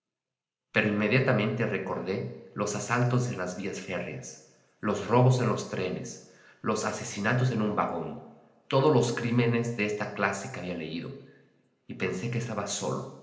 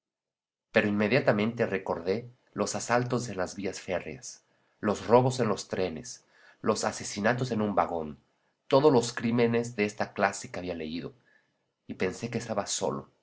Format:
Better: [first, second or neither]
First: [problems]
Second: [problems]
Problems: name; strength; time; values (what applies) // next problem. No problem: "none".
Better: second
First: room echo; dies away in 0.9 s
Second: none